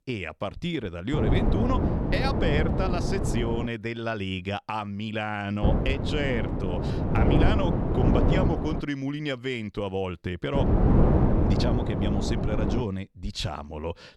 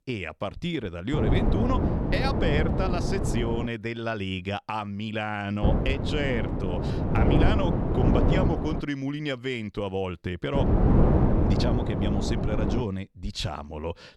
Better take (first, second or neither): neither